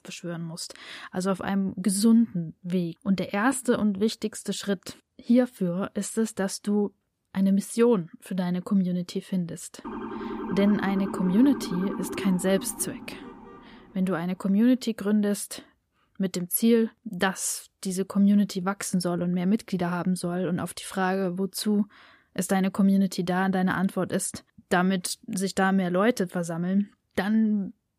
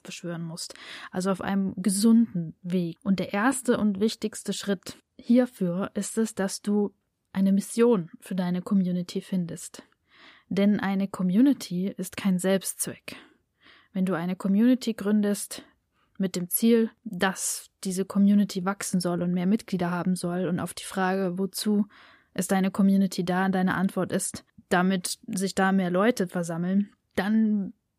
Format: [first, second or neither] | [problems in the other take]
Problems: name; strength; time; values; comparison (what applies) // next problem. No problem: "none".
second | siren; noticeable; from 10 to 14 s; peak 7 dB below the speech